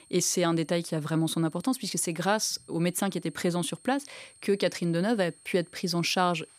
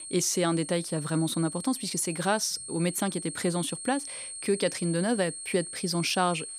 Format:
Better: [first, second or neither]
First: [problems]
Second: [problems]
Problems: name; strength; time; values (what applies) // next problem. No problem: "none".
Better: first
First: high-pitched whine; faint; throughout; 8.5 kHz, 25 dB below the speech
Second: high-pitched whine; loud; throughout; 8.5 kHz, 8 dB below the speech